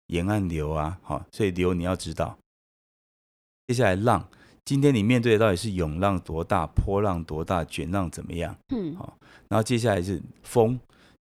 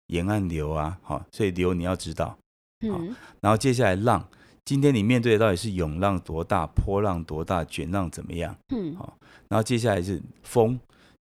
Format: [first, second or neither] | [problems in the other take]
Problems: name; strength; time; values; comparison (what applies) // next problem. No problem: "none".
second | audio cutting out; at 2.5 s for 1 s